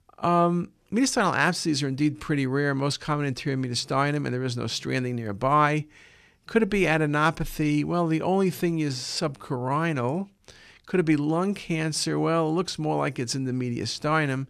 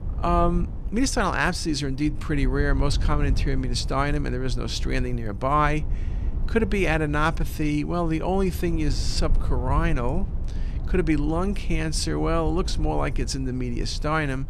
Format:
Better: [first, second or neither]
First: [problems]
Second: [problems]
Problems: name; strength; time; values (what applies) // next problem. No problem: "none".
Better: first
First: none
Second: low rumble; noticeable; throughout; 20 dB below the speech